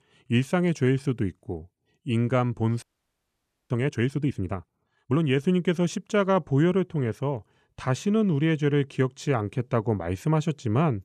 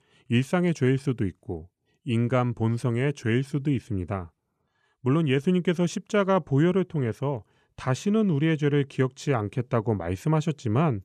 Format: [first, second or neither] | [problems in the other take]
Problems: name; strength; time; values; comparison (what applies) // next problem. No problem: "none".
second | audio freezing; at 3 s for 1 s